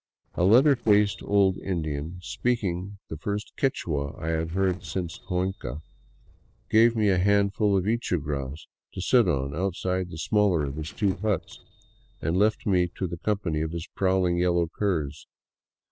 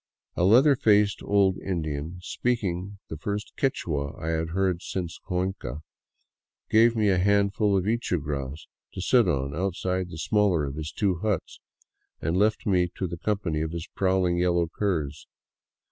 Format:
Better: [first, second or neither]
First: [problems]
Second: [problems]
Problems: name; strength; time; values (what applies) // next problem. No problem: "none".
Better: second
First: noise reduction (neural separator model SepFormer DNS4)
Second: none